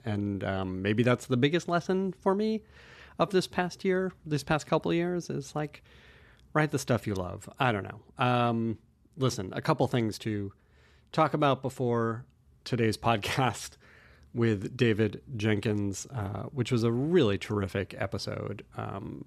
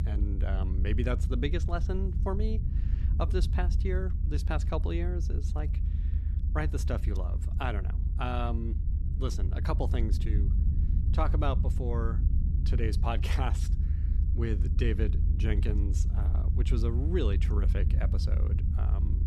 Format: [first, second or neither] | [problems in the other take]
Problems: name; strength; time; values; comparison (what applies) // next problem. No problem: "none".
first | low rumble; loud; throughout; 9 dB below the speech